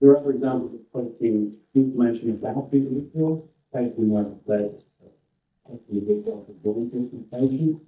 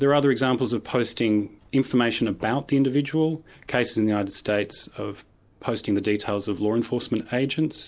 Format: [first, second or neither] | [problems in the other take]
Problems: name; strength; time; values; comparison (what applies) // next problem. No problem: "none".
second | noise reduction (neural mask model DeepFilterNet 3)